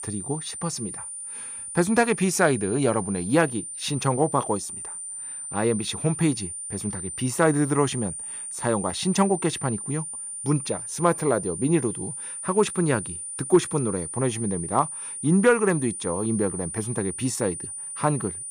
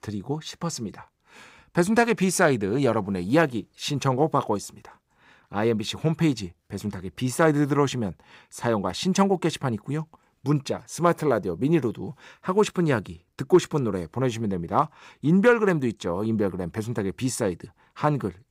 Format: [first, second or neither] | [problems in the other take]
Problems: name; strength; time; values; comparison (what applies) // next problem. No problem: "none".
second | high-pitched whine; loud; throughout; 9.5 kHz, 7 dB below the speech